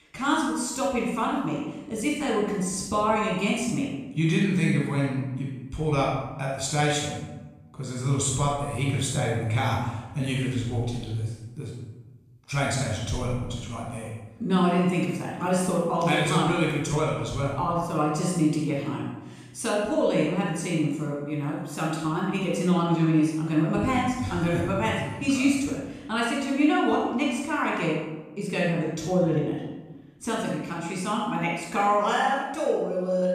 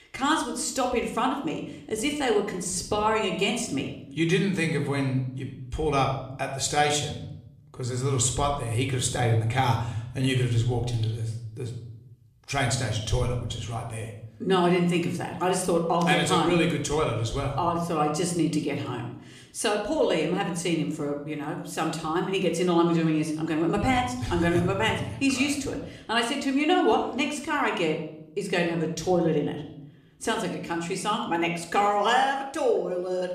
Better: second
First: room echo; strong; dies away in 0.9 s // off-mic speech; far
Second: room echo; slight; dies away in 0.6 s

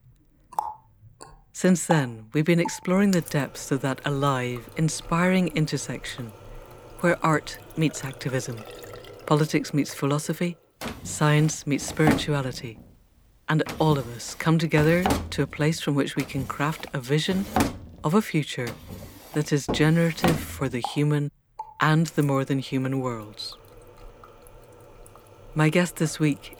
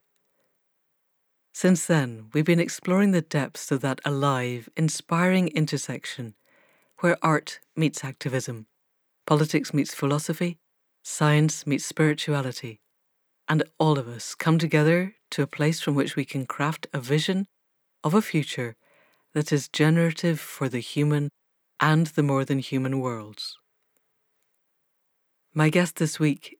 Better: second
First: household noises; noticeable; throughout; 10 dB below the speech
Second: none

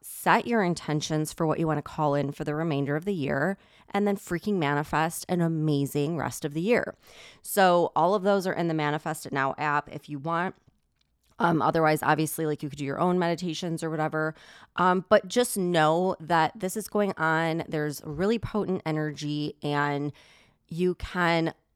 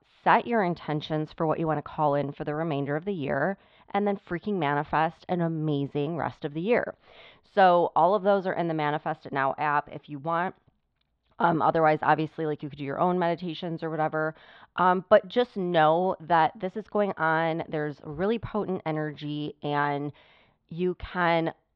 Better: first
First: none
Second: muffled; very; fading above 4 kHz

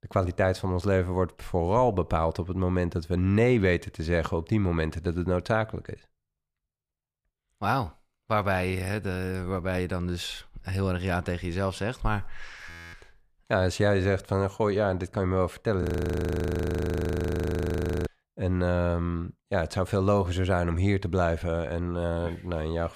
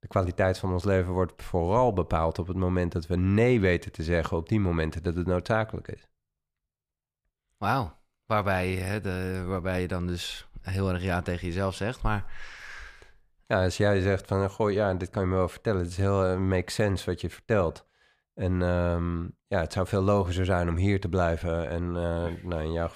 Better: second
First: audio freezing; at 13 s and at 16 s for 2 s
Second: none

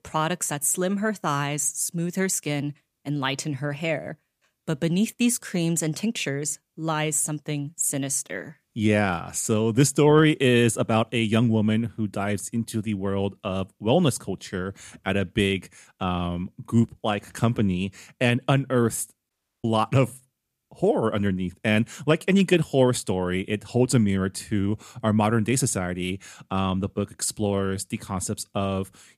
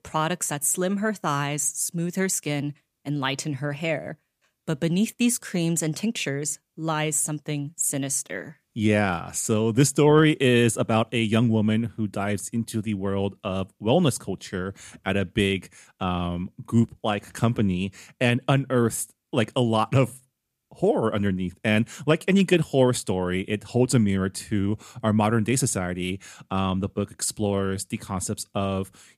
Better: second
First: audio cutting out; at 19 s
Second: none

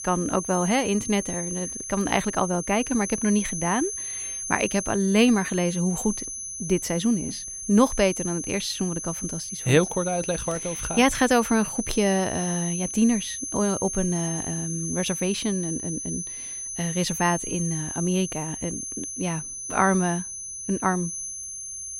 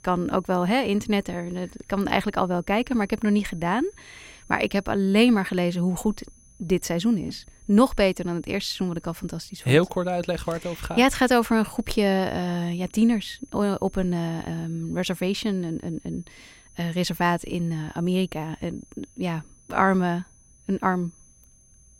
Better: second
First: high-pitched whine; loud; throughout; 6.5 kHz, 6 dB below the speech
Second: high-pitched whine; faint; throughout; 6.5 kHz, 30 dB below the speech

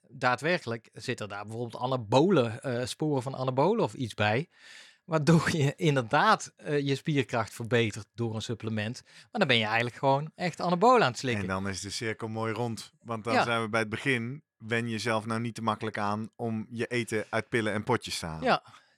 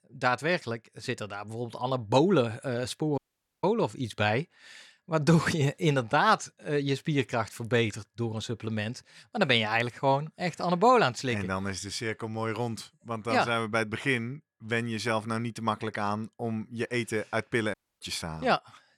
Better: first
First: none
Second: audio cutting out; at 3 s and at 18 s

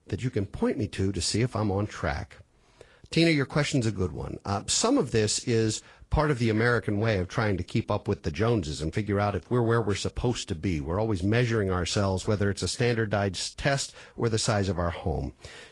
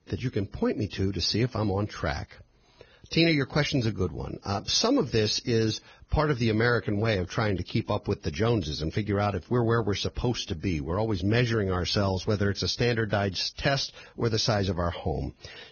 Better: first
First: garbled, watery; slightly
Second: garbled, watery; badly; nothing above 6.5 kHz

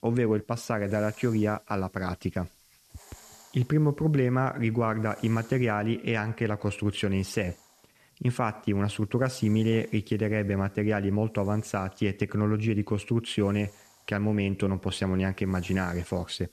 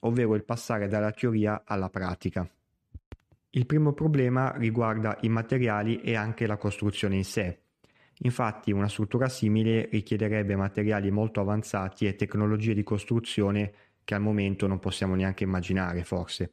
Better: second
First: hiss; faint; throughout; 30 dB below the speech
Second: none

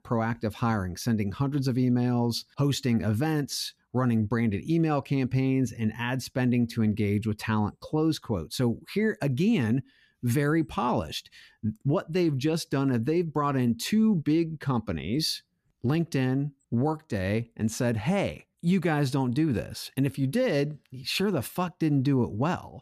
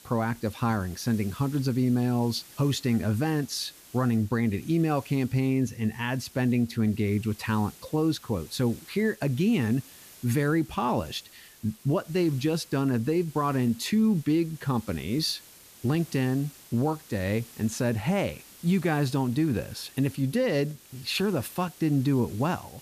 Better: first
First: none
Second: hiss; faint; throughout; 20 dB below the speech

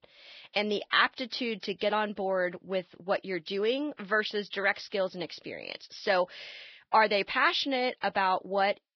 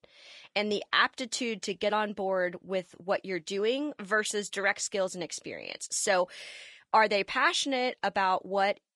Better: second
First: garbled, watery; badly; nothing above 5.5 kHz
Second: garbled, watery; slightly; nothing above 10.5 kHz

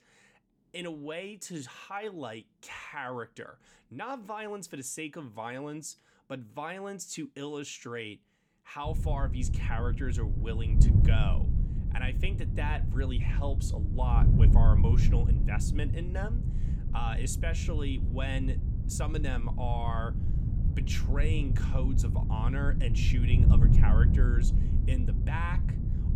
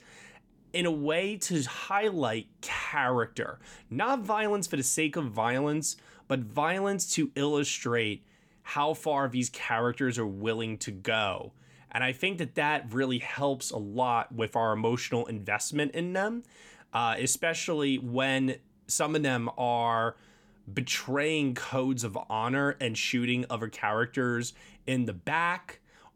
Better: second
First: wind noise on the microphone; heavy; from 9 s on; 4 dB below the speech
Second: none

